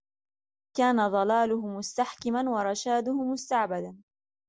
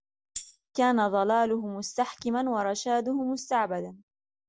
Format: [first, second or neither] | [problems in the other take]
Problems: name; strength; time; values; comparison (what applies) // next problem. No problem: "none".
first | background sound (Tambourine); 13 dB below the speech